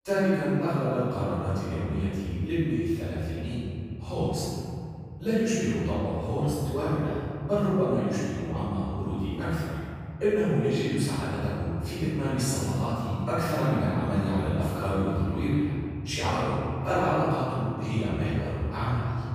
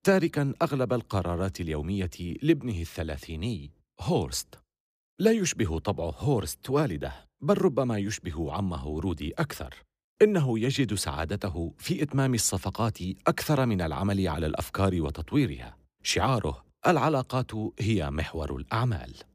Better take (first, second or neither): second